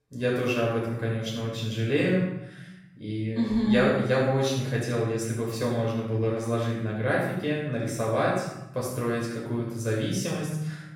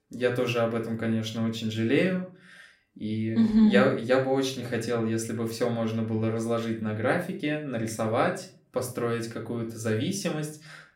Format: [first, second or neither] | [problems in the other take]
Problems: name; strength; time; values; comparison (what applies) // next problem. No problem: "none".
second | room echo; strong; dies away in 0.9 s; slight in the second // off-mic speech; far; somewhat distant in the second